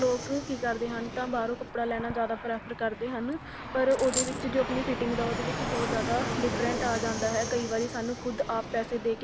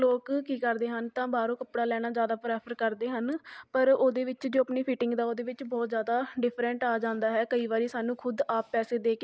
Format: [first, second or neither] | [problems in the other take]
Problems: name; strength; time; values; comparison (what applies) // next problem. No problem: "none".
second | background sound (Fixed-wing aircraft, airplane + Coin (dropping)); 5 dB below the speech